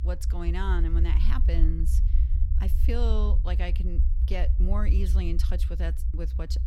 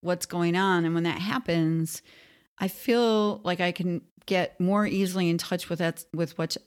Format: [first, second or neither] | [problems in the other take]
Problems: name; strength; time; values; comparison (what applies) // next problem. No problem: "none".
second | low rumble; loud; throughout; 8 dB below the speech